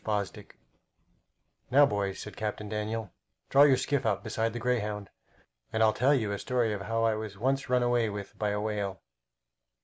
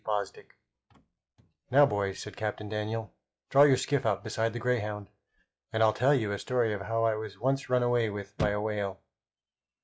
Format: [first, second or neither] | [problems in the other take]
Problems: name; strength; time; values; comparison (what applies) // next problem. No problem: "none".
first | noise reduction (classical method log-MMSE)